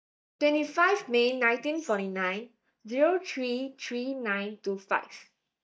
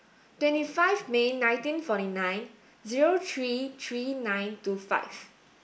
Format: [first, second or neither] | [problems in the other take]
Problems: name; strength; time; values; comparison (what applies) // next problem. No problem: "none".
second | noise reduction (neural mask model DeepFilterNet 3)